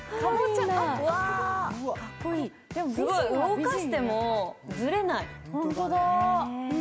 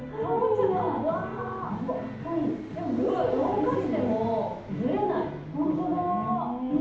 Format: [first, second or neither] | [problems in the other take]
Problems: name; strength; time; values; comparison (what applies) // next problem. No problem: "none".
first | background sound (Car passing by); 18 dB below the speech // room echo; dies away in 0.8 s